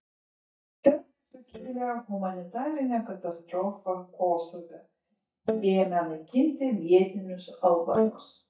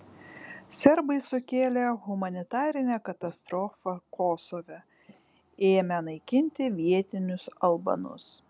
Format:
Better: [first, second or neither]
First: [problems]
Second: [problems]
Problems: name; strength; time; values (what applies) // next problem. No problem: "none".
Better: second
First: noise reduction (neural mask model DeepFilterNet 3)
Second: none